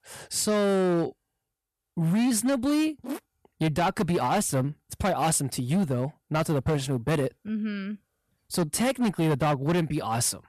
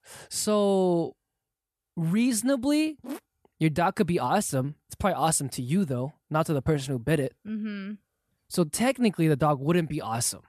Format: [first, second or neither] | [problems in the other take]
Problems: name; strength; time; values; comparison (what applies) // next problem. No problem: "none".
second | distortion; slight; 13% of the sound clipped